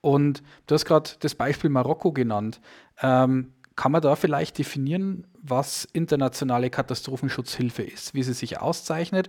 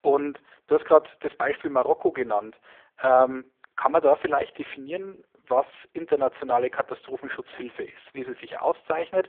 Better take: first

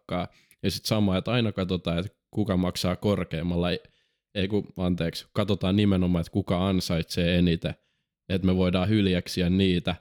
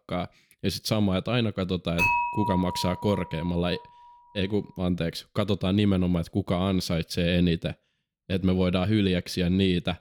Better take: first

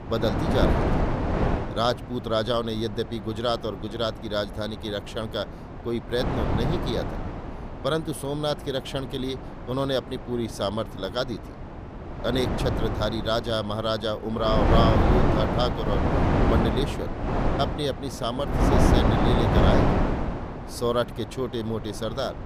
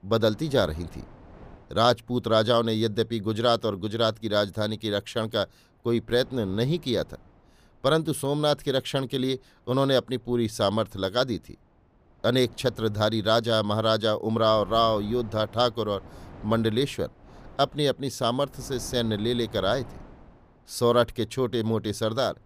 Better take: second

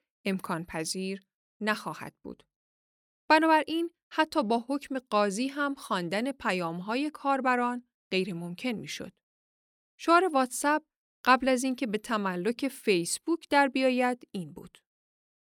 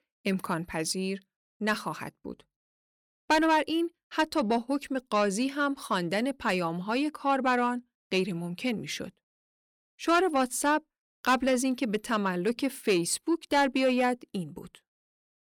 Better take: first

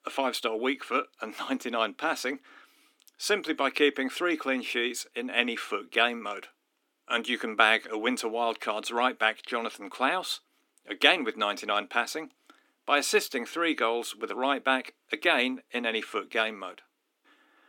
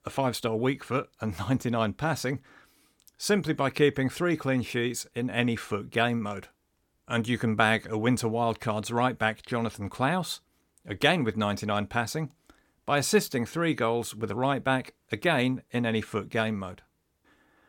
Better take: second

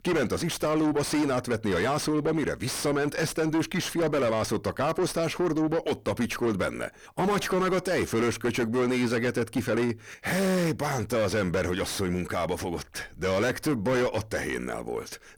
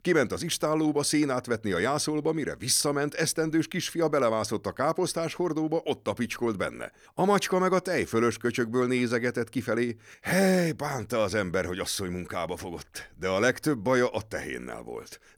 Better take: second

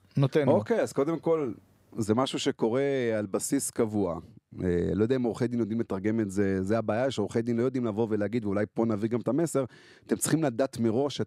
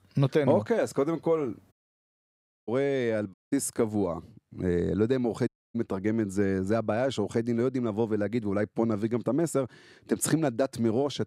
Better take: first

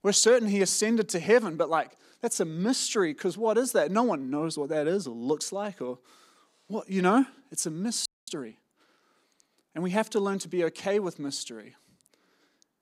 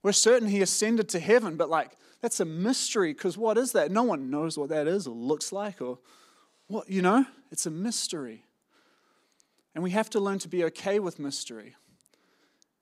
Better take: second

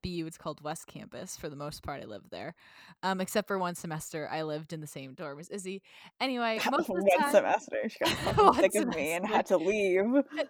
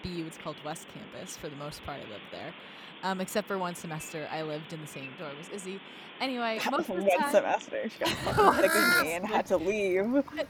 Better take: first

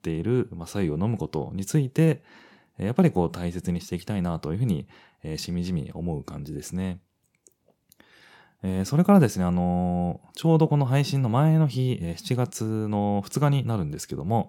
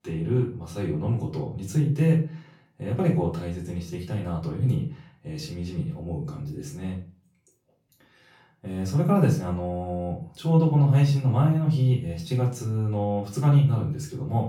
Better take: first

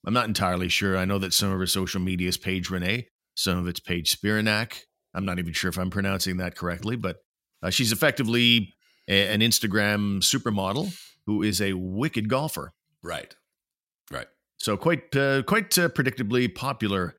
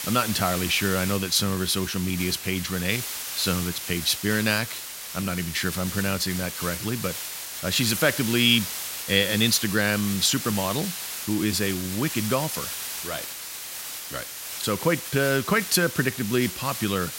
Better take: first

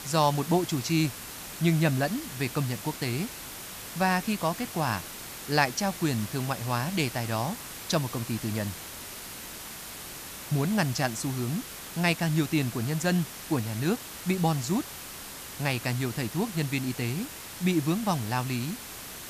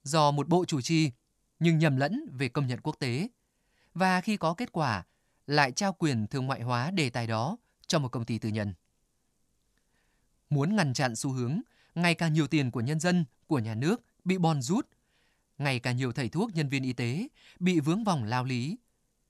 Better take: second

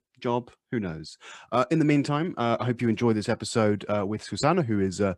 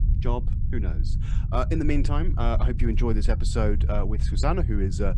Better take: first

